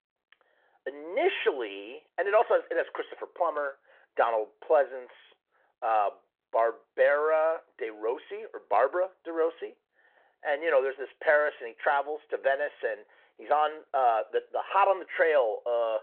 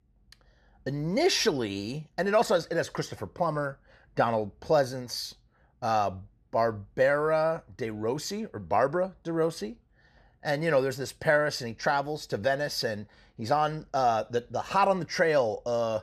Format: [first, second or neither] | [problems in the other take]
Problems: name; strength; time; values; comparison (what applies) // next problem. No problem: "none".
second | phone-call audio